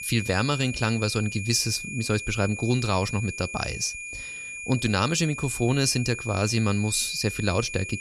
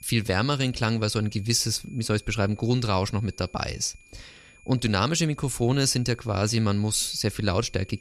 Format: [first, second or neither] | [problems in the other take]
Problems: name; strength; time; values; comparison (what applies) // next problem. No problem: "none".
second | high-pitched whine; loud; throughout; 2.5 kHz, 8 dB below the speech; faint in the second